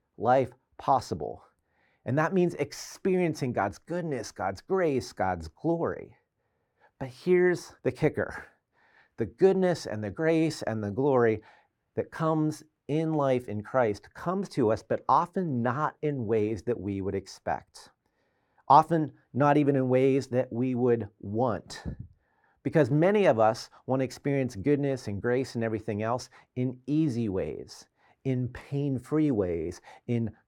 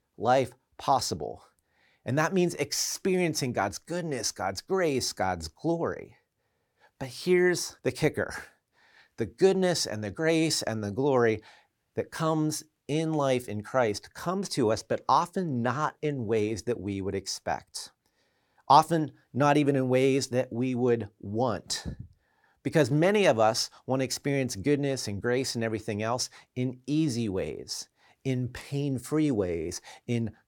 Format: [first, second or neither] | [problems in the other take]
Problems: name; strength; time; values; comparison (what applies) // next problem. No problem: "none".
second | muffled; slightly; fading above 2.5 kHz